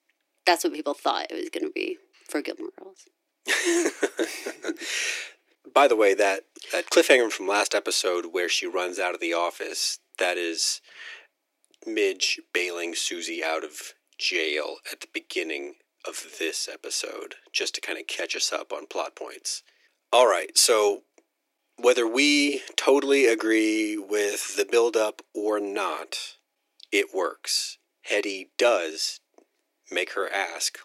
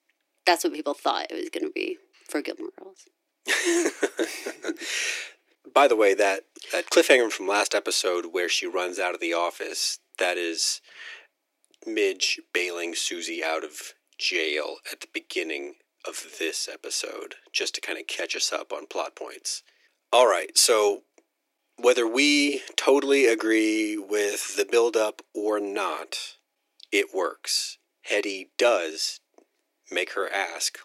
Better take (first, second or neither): neither